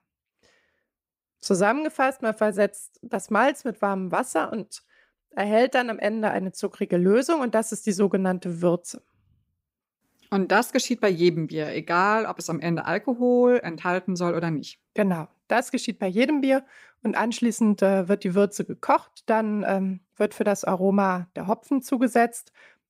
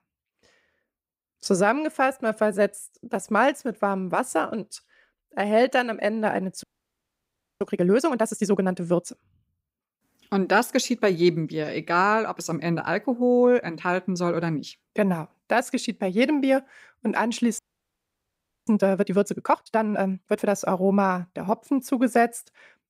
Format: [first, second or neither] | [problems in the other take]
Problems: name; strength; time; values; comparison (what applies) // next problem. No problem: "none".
first | audio freezing; at 6.5 s for 1 s and at 18 s for 1 s